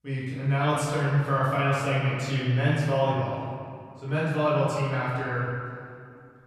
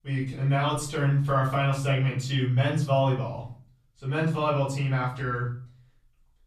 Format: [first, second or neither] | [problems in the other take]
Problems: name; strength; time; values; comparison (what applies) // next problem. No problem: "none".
second | room echo; strong; dies away in 2.1 s; slight in the second // off-mic speech; far; far in the second